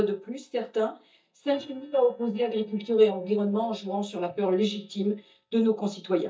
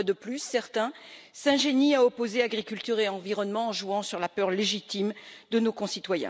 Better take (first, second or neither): second